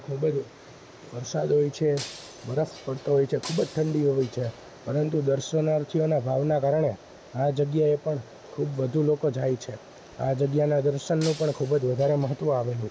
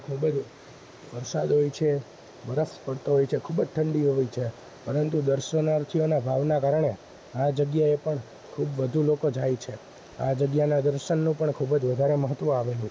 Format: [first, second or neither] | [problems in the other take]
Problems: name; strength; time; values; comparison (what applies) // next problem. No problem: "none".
second | background sound (Shatter); 18 dB below the speech